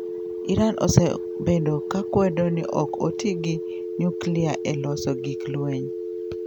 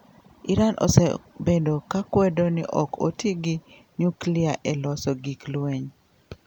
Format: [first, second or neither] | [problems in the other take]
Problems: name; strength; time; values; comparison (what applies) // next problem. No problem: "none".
second | background sound (Telephone); 6 dB below the speech